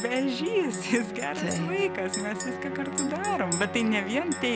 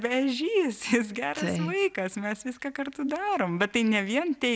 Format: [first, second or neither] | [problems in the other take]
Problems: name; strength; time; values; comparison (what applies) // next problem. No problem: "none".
second | background sound (Musical instrument + Chink, clink); 5 dB below the speech